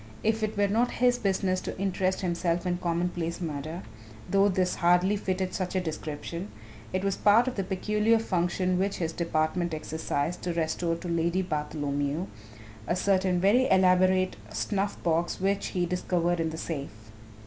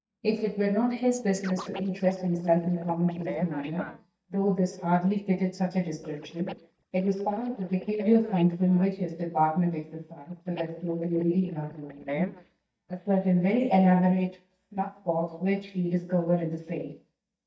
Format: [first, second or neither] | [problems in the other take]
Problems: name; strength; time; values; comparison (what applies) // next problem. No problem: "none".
first | noise reduction (neural mask model DeepFilterNet 3)